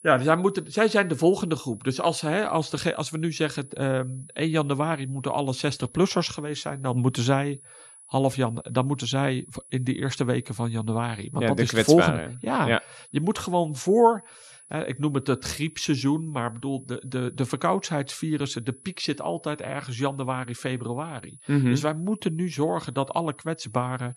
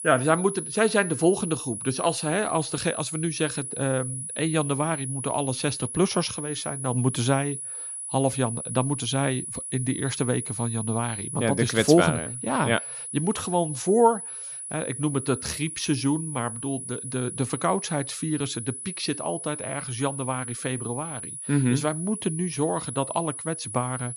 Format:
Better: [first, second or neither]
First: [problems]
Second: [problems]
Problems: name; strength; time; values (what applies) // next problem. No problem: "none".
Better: first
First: high-pitched whine; faint; throughout; 10 kHz, 20 dB below the speech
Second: high-pitched whine; loud; throughout; 10 kHz, 6 dB below the speech